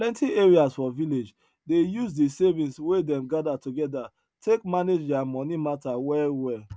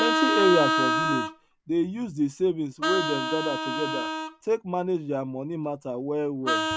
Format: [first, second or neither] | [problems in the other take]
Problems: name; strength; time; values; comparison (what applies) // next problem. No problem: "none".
first | background sound (Vehicle horn, car horn, honking); 1 dB below the speech